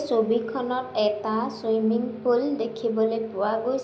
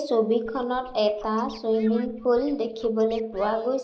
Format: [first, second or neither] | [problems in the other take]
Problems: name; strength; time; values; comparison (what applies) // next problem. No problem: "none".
first | noise reduction (neural mask model Resemble Enhance denoiser)